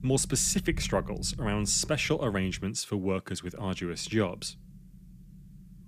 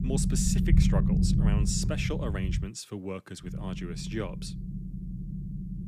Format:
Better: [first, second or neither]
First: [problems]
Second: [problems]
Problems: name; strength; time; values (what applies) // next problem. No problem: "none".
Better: first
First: low rumble; faint; until 2.5 s and from 3.5 s on; 25 dB below the speech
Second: low rumble; loud; until 2.5 s and from 3.5 s on; 3 dB below the speech